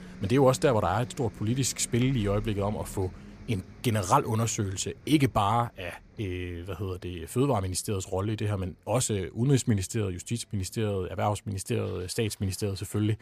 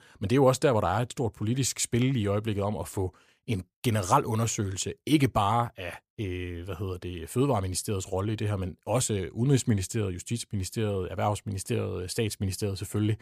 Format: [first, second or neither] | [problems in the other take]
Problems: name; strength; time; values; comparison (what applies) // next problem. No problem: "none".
second | traffic noise; noticeable; throughout; 20 dB below the speech